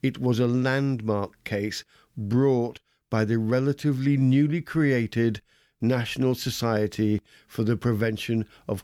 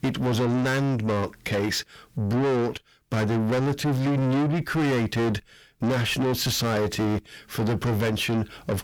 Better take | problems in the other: first | distortion; heavy; 6 dB below the speech

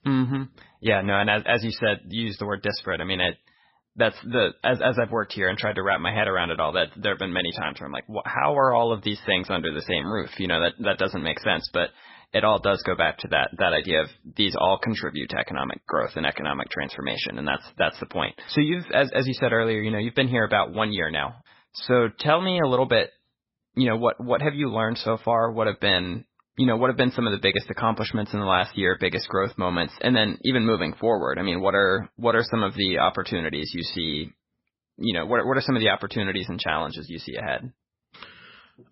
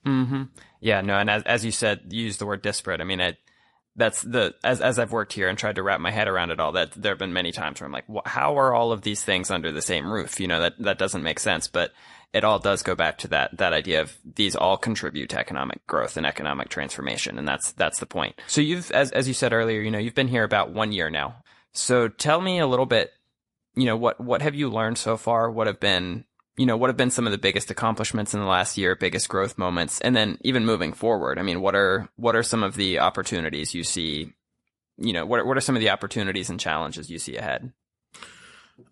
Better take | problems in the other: second | garbled, watery; badly; nothing above 5.5 kHz; slightly in the second

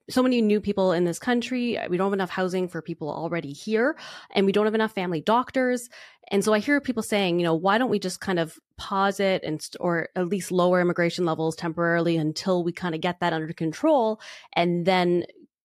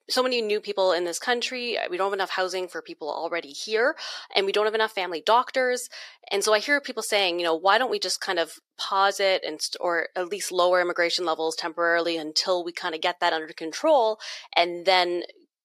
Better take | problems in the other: first | thin; very; fading below 450 Hz

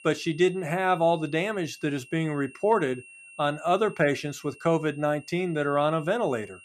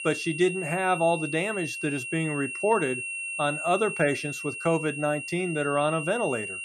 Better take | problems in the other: first | high-pitched whine; loud; throughout; 2.5 kHz, 5 dB below the speech; faint in the first

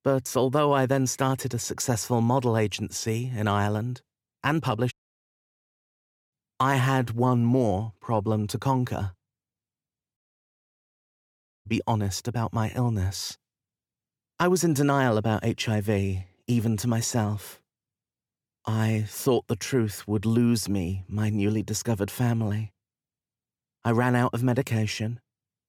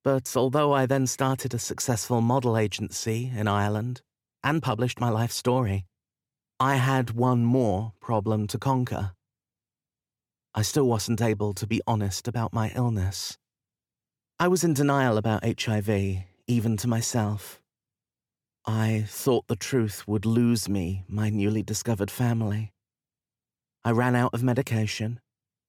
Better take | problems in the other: second | audio cutting out; at 5 s for 1.5 s and at 10 s for 1.5 s

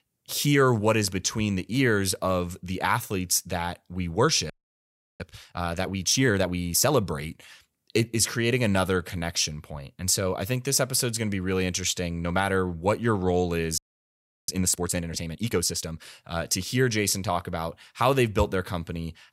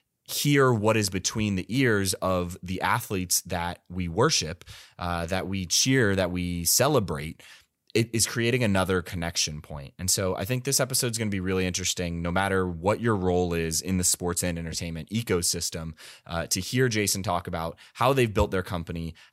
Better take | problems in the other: second | audio freezing; at 4.5 s for 0.5 s and at 14 s for 0.5 s

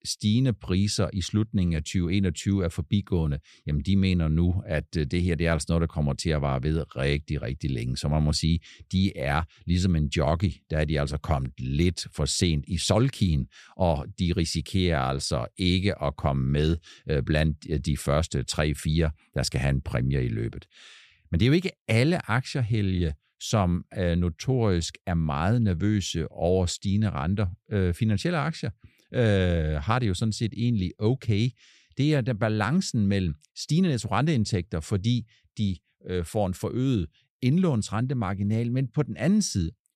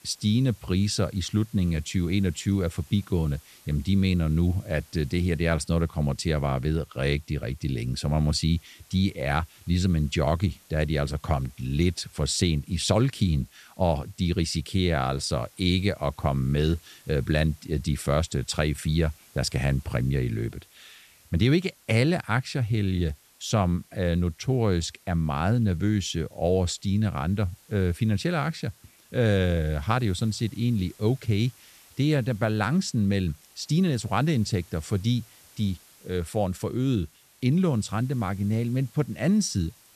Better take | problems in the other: first | hiss; faint; throughout; 25 dB below the speech

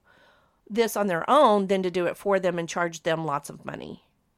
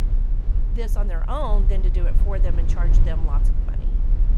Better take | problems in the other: first | low rumble; loud; throughout; 8 dB below the speech

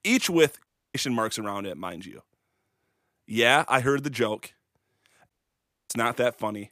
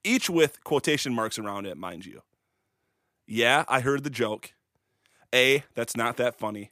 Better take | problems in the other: second | audio cutting out; at 0.5 s and at 5.5 s for 0.5 s

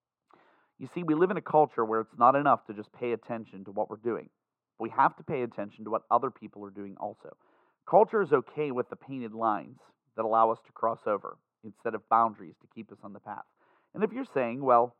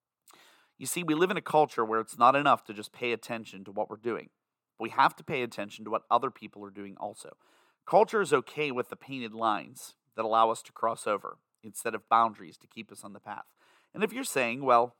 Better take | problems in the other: second | muffled; very; fading above 4 kHz

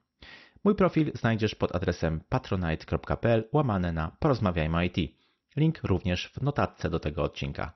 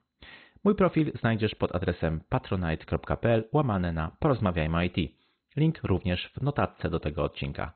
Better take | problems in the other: first | garbled, watery; badly; nothing above 4 kHz; slightly in the first

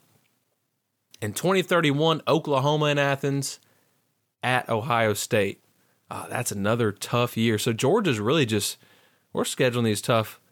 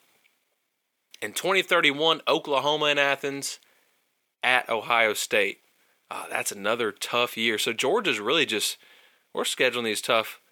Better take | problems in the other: first | thin; somewhat; fading below 350 Hz

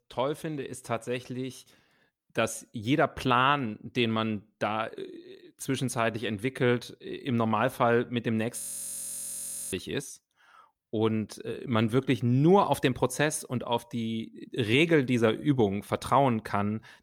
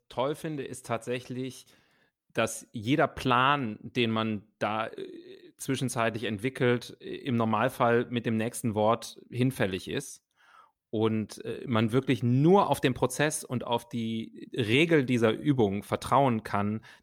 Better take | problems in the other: second | audio freezing; at 8.5 s for 1 s

